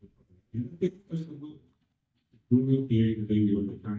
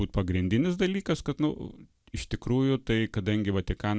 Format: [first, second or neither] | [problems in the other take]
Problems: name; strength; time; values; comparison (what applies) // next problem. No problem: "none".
second | noise reduction (neural mask model DeepFilterNet 3)